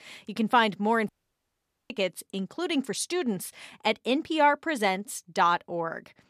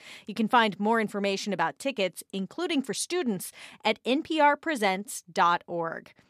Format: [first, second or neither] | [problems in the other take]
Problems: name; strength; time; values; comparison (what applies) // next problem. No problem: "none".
second | audio cutting out; at 1 s for 1 s